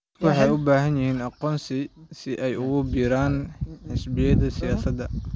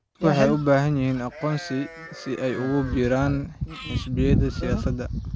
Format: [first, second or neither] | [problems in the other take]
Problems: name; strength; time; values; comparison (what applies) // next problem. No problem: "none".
first | background sound (Livestock, farm animals, working animals); 19 dB below the speech